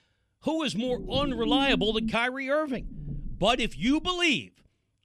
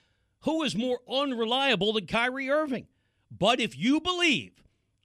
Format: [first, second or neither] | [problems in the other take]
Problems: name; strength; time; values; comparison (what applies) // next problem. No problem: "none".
second | low rumble; noticeable; from 1 to 2 s and from 3 to 4 s; 10 dB below the speech